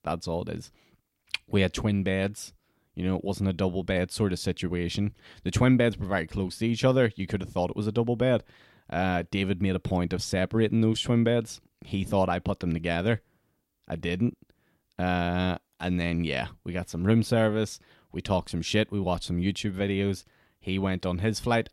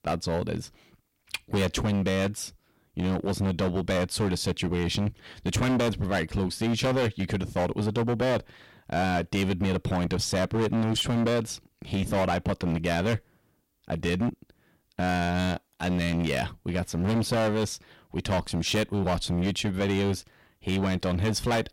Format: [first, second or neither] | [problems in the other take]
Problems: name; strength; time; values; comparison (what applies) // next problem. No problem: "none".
first | distortion; heavy; 17% of the sound clipped